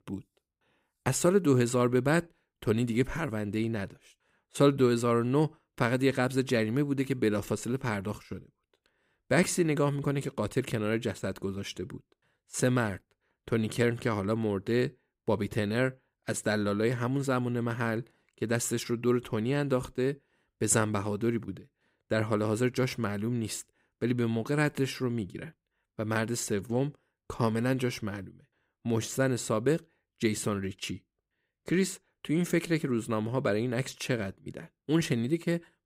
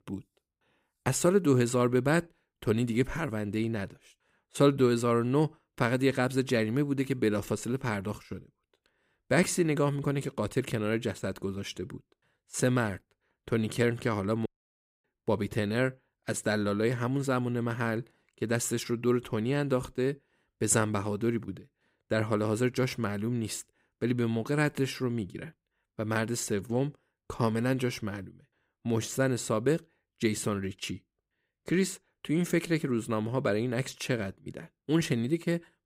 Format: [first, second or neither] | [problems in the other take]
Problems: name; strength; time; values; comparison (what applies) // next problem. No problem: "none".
first | audio cutting out; at 14 s for 0.5 s